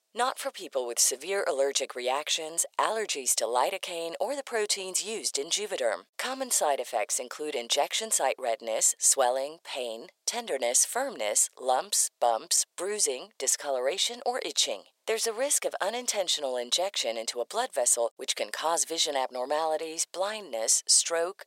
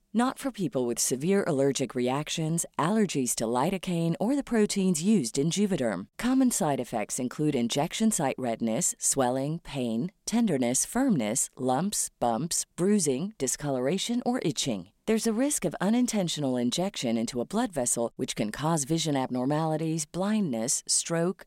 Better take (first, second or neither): second